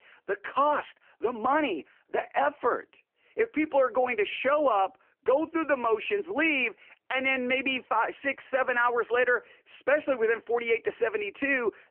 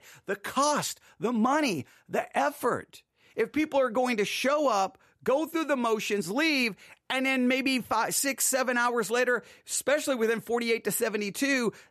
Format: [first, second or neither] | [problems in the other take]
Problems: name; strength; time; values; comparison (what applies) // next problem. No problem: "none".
second | phone-call audio; poor line; nothing above 3 kHz